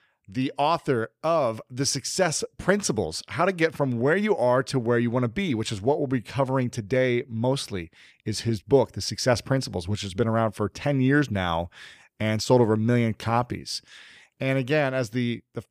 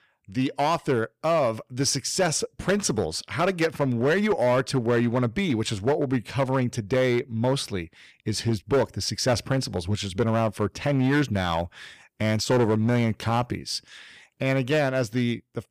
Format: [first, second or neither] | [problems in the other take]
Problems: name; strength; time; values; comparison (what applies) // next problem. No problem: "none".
first | distortion; slight; 6% of the sound clipped